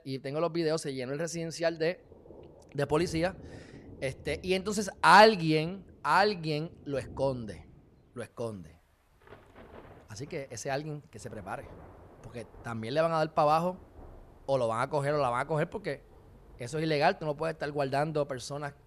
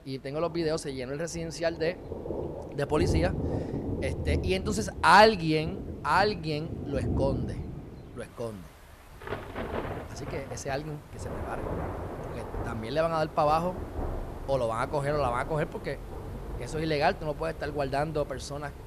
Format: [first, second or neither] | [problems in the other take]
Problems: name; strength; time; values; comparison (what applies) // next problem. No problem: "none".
first | rain or running water; loud; throughout; 8 dB below the speech; faint in the first